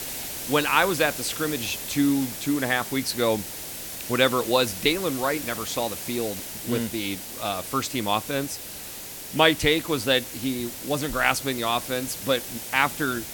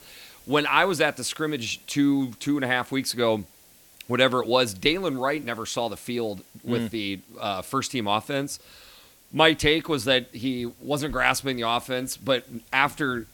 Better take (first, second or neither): second